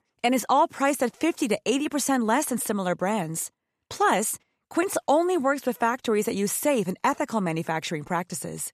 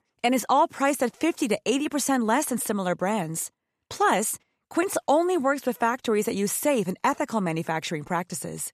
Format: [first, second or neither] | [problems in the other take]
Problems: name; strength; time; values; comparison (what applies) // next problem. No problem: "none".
neither | none